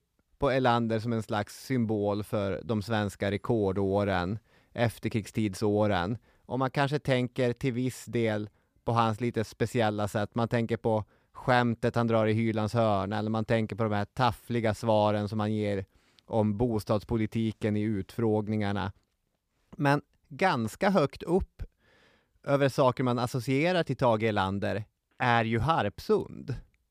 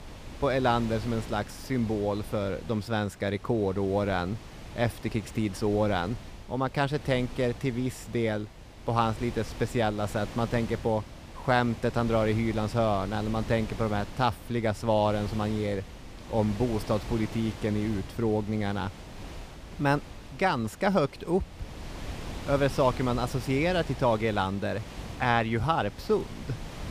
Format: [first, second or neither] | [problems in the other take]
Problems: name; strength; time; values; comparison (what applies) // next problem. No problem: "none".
first | wind noise on the microphone; occasional gusts; 15 dB below the speech